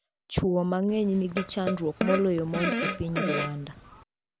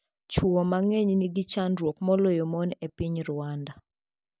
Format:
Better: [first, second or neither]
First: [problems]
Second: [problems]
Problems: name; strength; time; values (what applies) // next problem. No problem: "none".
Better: second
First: background sound (Fart); 4 dB below the speech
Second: none